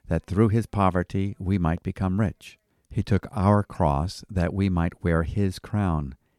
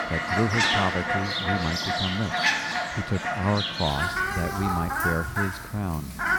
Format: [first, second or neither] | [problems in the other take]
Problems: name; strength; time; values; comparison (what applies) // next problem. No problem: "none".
first | animal sounds; very loud; throughout; 3 dB above the speech